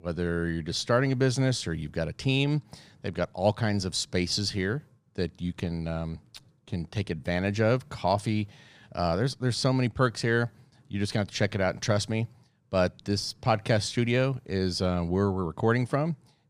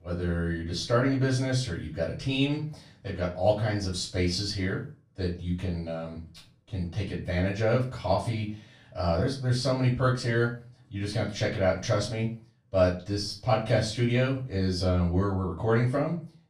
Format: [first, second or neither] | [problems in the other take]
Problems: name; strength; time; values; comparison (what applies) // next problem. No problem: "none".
first | off-mic speech; far // room echo; slight; dies away in 0.3 s